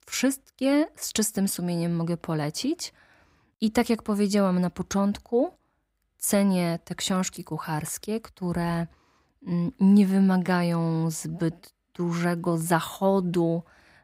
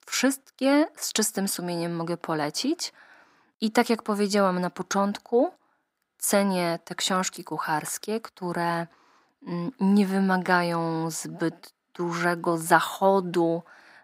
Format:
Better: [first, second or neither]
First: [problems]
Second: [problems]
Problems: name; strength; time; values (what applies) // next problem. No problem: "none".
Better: first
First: none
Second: thin; very slightly; fading below 250 Hz